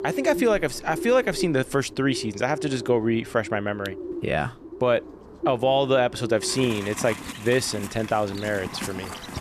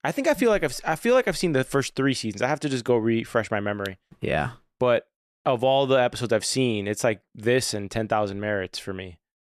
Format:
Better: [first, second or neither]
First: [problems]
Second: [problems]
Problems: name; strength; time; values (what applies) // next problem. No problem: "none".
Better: second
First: animal sounds; noticeable; throughout; 10 dB below the speech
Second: none